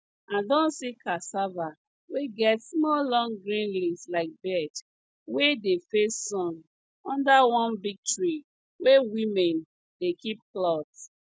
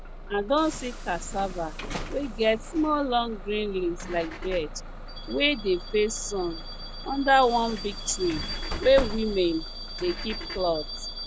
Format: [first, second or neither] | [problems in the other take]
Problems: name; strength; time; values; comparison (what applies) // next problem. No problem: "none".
first | background sound (Bus / Alarm + Engine / Car); 8 dB below the speech